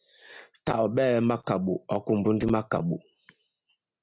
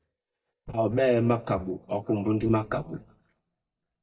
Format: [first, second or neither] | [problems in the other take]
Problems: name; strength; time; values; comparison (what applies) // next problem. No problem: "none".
first | noise reduction (neural mask model DeepFilterNet 3)